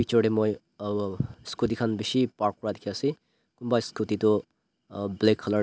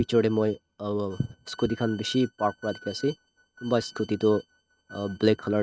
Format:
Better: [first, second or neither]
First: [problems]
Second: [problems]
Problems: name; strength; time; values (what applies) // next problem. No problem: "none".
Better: first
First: none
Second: noise reduction (neural mask model RNNoise)